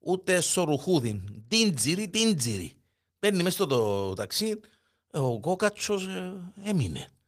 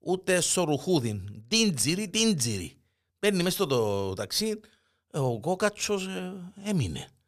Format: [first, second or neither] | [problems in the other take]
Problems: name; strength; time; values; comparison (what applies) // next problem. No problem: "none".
second | garbled, watery; slightly; nothing above 15 kHz